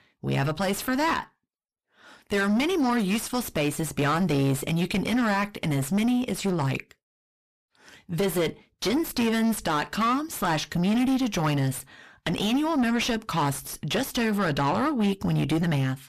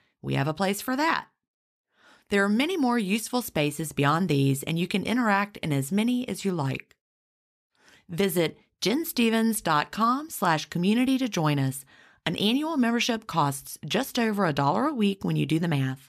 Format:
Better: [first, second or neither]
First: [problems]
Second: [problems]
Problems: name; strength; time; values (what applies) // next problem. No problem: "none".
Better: second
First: distortion; heavy; 5 dB below the speech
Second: none